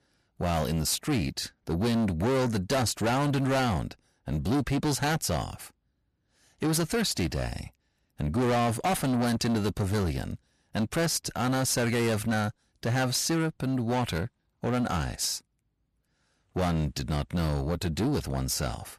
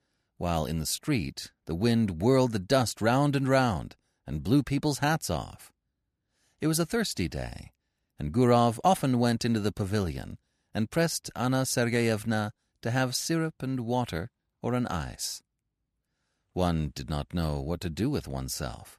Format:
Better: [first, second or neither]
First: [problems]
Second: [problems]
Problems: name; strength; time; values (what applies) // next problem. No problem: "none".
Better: second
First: distortion; heavy; 6 dB below the speech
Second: none